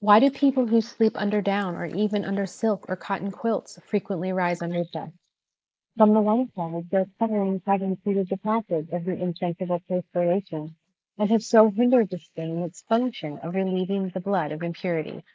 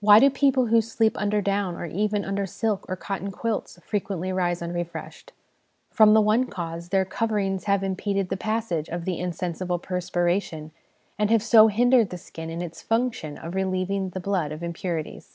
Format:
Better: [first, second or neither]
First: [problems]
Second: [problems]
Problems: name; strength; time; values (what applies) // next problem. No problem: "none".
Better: second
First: noise reduction (neural mask model Resemble Enhance denoiser)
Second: none